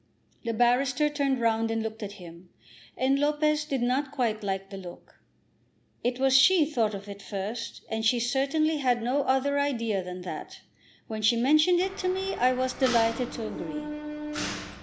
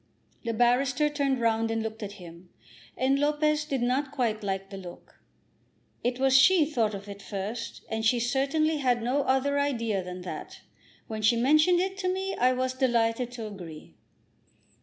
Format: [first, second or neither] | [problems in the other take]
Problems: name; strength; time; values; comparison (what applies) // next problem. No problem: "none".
second | background sound (Mechanisms); 8 dB below the speech